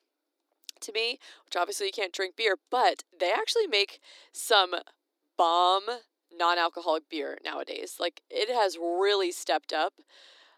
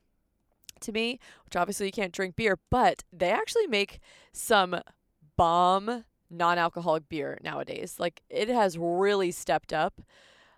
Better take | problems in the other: second | thin; very; fading below 300 Hz

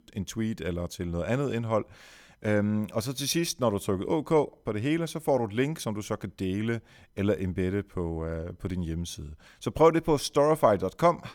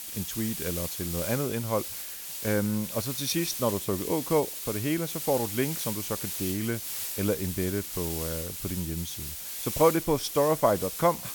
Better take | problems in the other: first | hiss; loud; throughout; 4 dB below the speech

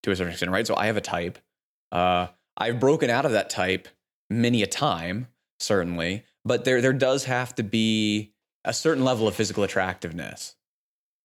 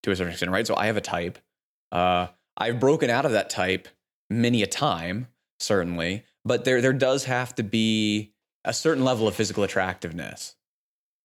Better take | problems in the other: neither | none

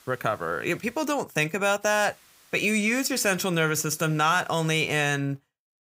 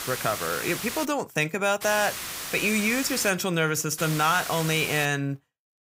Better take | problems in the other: first | hiss; loud; until 1 s, from 2 to 3.5 s and from 4 to 5 s; 7 dB below the speech; faint in the first

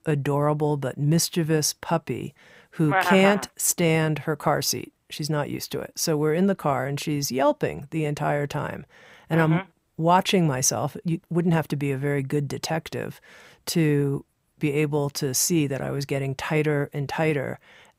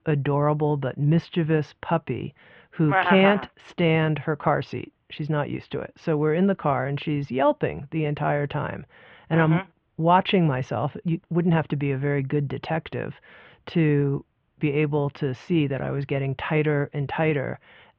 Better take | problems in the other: first | muffled; very; fading above 3 kHz

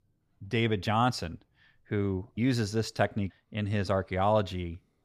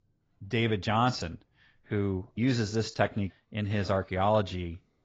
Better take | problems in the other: first | garbled, watery; badly; nothing above 7.5 kHz

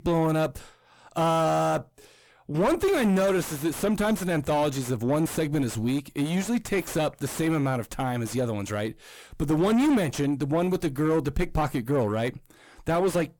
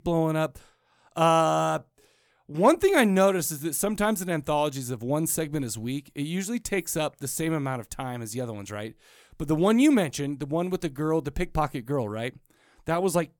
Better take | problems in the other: second | distortion; heavy; 5 dB below the speech

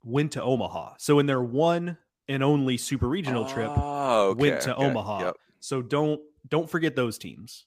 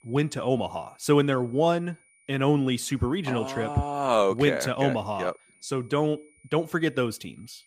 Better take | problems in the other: first | high-pitched whine; faint; throughout; 2.5 kHz, 35 dB below the speech

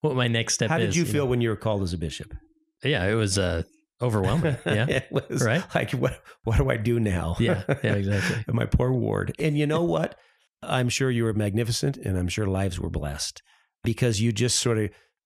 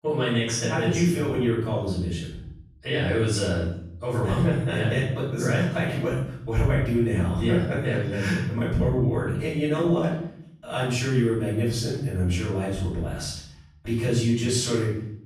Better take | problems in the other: first | off-mic speech; far // room echo; noticeable; dies away in 0.6 s

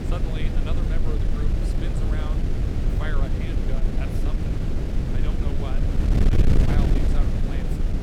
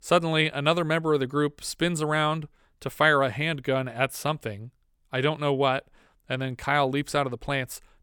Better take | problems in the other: second | wind noise on the microphone; heavy; 5 dB above the speech

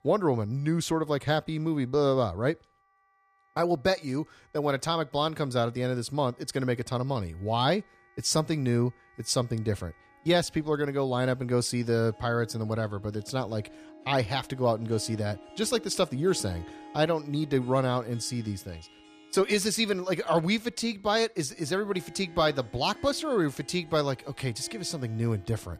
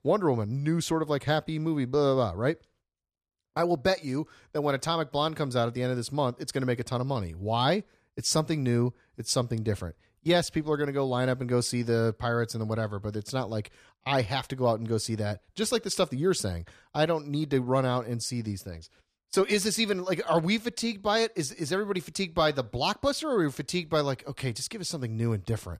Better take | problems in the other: second | background music; faint; throughout; 20 dB below the speech

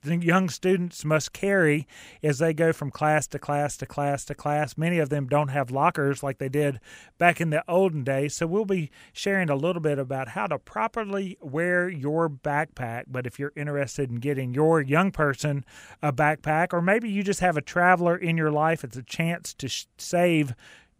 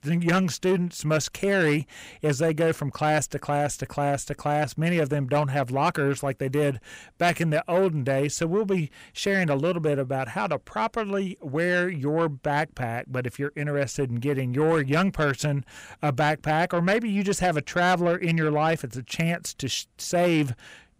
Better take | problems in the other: first | distortion; slight; 10 dB below the speech

